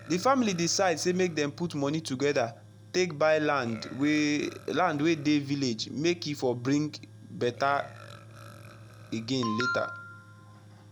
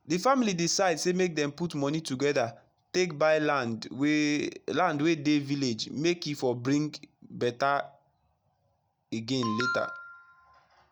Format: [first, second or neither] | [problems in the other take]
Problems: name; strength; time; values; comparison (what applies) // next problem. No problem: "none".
second | background sound (Tools + Burping, eructation); 19 dB below the speech